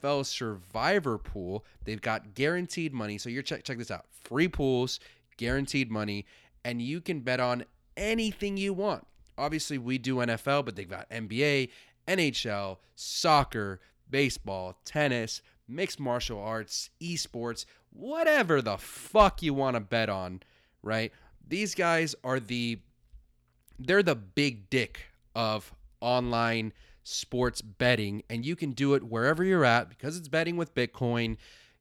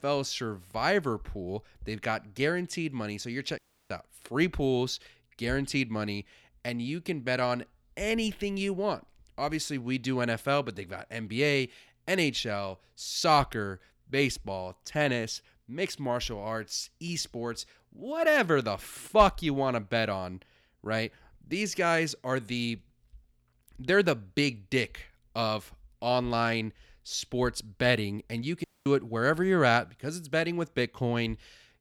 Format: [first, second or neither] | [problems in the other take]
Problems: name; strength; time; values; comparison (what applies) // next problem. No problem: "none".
first | audio cutting out; at 3.5 s and at 29 s